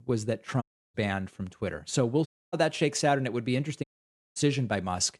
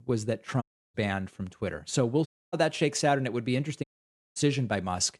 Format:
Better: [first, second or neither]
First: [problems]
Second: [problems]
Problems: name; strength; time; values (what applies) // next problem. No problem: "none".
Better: neither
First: audio cutting out; at 0.5 s, at 2.5 s and at 4 s for 0.5 s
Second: audio cutting out; at 0.5 s, at 2.5 s and at 4 s for 0.5 s